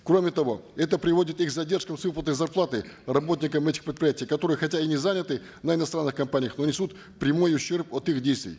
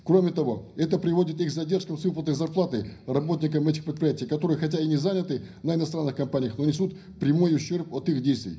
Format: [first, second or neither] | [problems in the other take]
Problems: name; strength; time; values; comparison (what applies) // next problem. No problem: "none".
first | room echo; dies away in 0.5 s